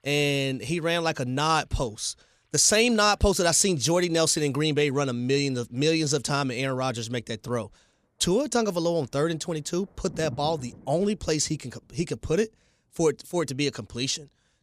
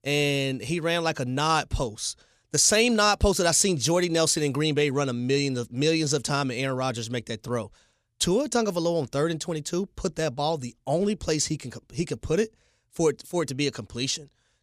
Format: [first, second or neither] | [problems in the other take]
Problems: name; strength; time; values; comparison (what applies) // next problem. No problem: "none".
second | rain or running water; faint; throughout; 20 dB below the speech